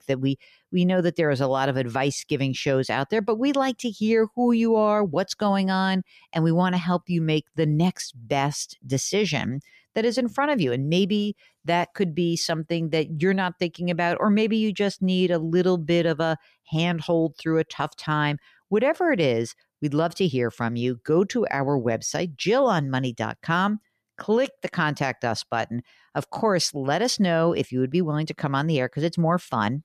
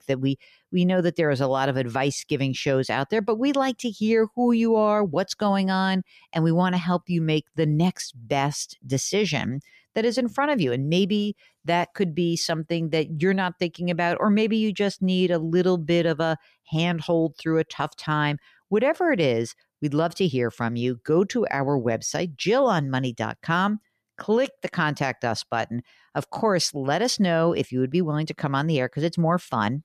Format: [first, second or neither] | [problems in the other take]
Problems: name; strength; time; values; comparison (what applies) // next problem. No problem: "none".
neither | none